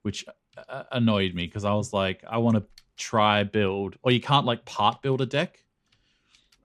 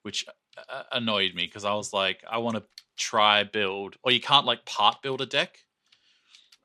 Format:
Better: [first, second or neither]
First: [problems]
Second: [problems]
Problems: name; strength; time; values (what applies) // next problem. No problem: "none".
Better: first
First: none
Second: thin; somewhat; fading below 850 Hz